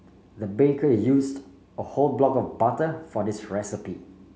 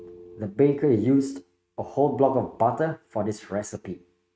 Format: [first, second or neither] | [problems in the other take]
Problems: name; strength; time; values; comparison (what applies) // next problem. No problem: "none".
first | noise reduction (neural mask model RNNoise)